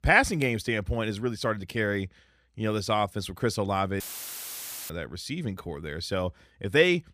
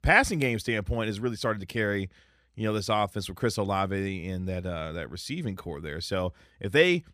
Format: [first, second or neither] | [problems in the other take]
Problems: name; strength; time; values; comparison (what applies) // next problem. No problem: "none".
second | audio cutting out; filled with static; at 4 s for 1 s